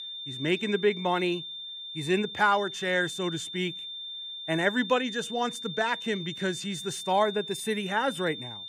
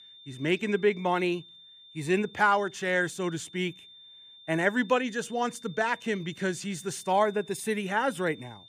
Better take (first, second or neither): second